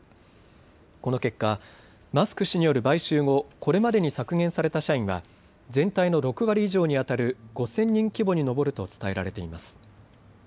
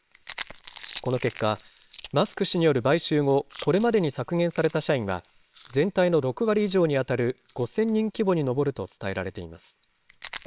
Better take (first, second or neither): first